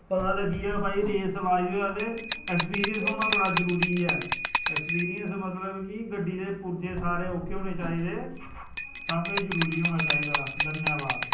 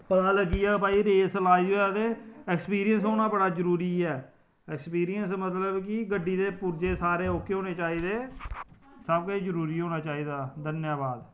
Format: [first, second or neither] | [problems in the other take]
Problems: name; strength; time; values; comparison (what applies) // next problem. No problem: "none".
second | background sound (Bell); 2 dB below the speech // room echo; dies away in 0.6 s